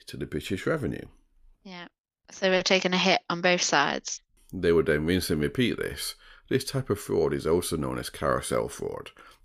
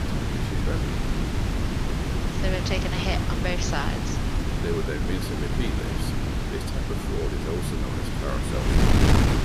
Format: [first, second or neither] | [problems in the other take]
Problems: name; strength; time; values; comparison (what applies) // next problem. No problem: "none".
first | wind noise on the microphone; heavy; 2 dB above the speech